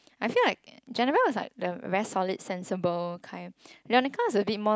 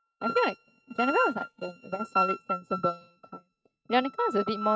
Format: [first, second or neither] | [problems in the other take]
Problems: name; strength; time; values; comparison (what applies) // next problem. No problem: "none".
first | noise reduction (neural mask model RNNoise)